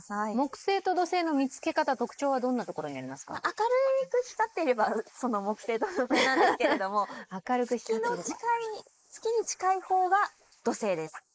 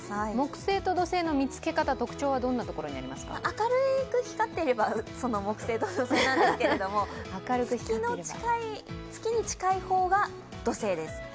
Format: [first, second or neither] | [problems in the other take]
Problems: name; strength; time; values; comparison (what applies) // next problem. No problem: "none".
second | noise reduction (neural mask model Resemble Enhance denoiser)